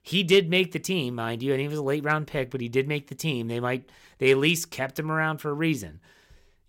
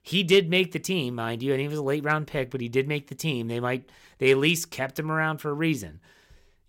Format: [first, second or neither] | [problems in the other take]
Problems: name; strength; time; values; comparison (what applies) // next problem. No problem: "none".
neither | none